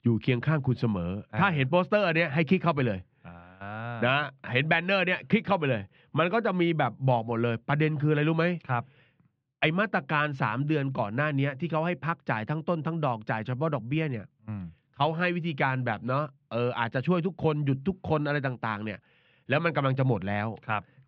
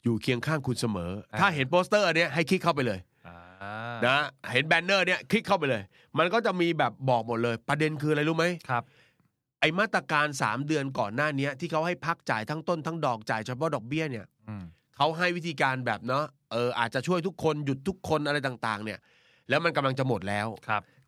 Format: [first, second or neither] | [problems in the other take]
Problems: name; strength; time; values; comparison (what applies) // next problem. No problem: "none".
second | muffled; slightly; fading above 3 kHz